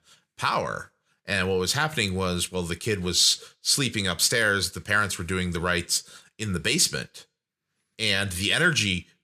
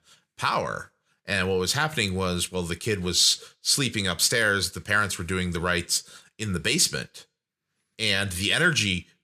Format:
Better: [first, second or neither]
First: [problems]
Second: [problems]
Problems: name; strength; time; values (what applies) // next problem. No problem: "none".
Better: neither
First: none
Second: none